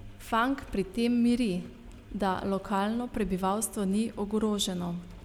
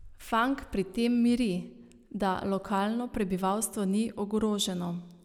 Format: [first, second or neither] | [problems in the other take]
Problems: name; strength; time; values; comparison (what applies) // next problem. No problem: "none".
second | background sound (Engine); 19 dB below the speech